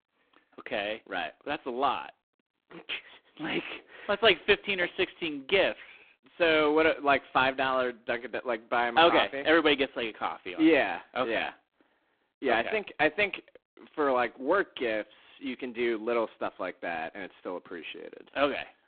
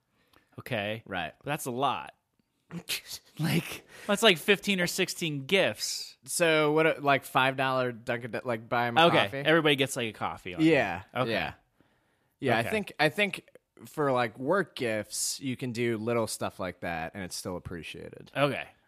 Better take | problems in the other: second | phone-call audio; poor line

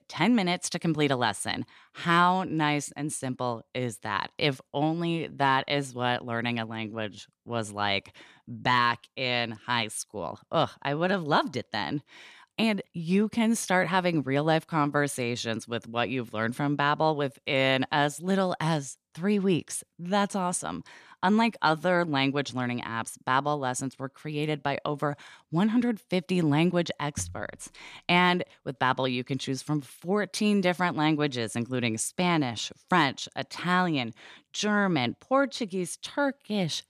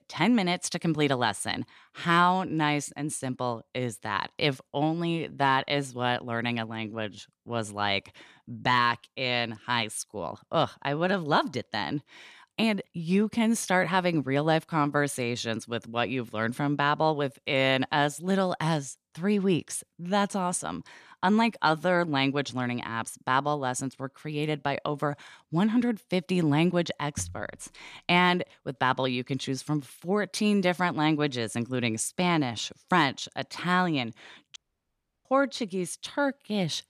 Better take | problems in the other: first | audio cutting out; at 35 s for 0.5 s

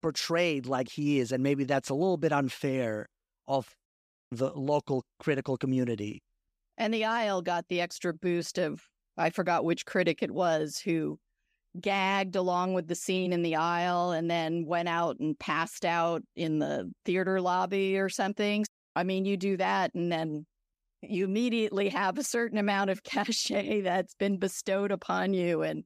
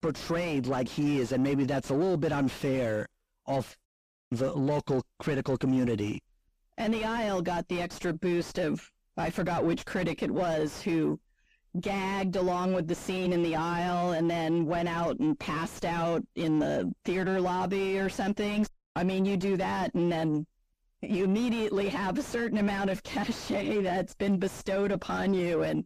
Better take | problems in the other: first | distortion; heavy; 5 dB below the speech

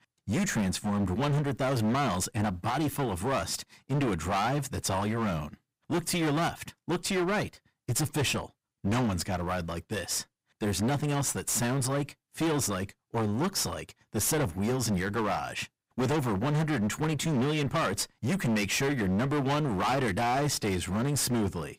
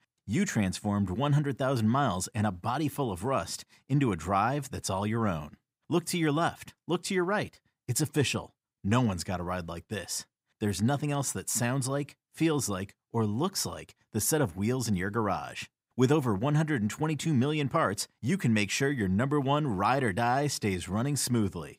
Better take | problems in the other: second | distortion; heavy; 23% of the sound clipped

